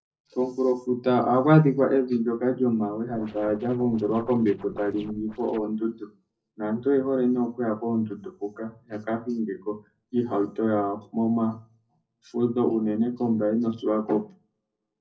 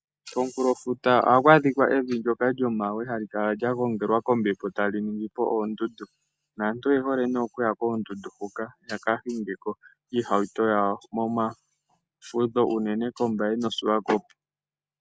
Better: second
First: noise reduction (neural separator model SepFormer DNS4)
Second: none

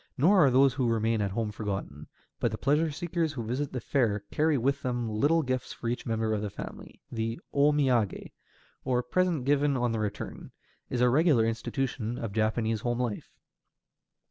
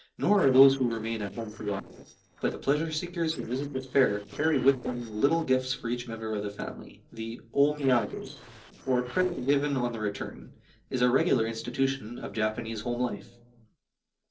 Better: first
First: none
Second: noise reduction (neural separator model SepFormer DNS4)

